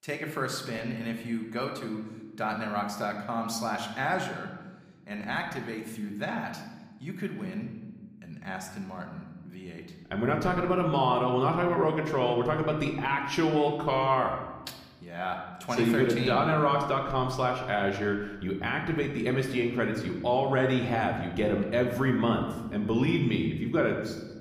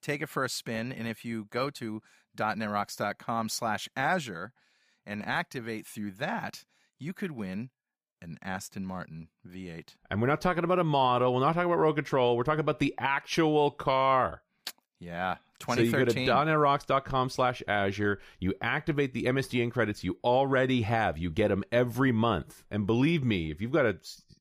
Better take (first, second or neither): second